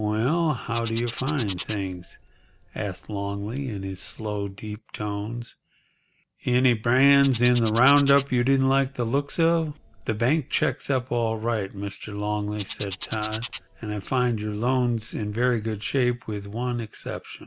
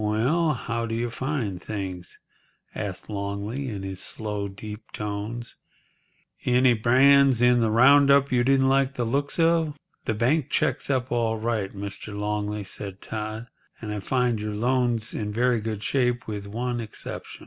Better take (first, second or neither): second